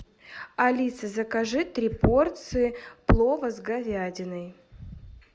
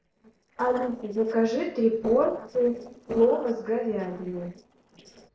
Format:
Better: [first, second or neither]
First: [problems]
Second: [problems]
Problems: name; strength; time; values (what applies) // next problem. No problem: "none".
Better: first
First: none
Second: noise reduction (neural separator model SepFormer DNS4)